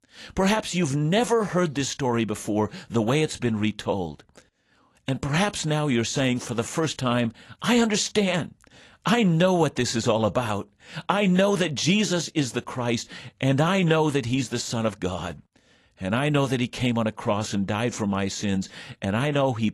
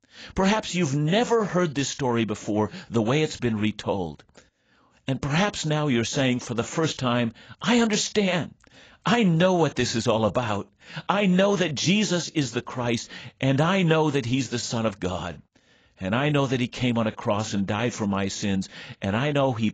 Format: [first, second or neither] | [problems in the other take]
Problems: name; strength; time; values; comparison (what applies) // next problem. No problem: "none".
first | garbled, watery; badly; nothing above 7.5 kHz; slightly in the first